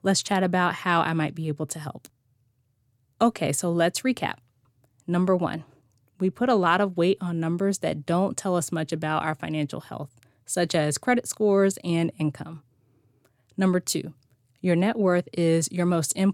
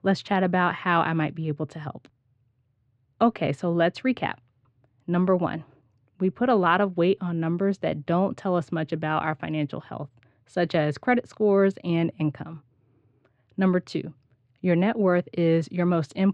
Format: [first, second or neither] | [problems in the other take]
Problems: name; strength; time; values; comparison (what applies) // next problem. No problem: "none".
first | muffled; slightly; fading above 3 kHz